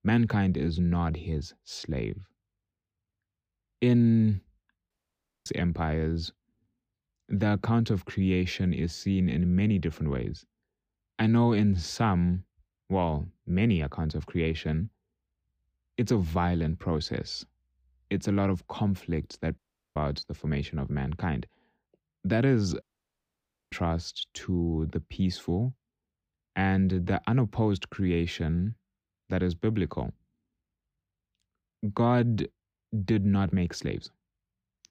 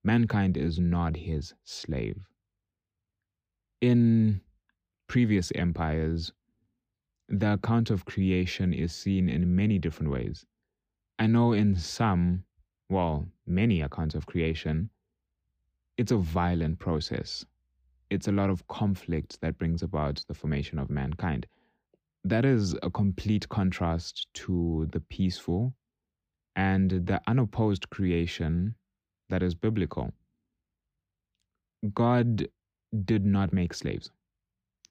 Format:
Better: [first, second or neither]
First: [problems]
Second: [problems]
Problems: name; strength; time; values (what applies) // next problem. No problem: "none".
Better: second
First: audio cutting out; at 5 s for 0.5 s, at 20 s and at 23 s for 1 s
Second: none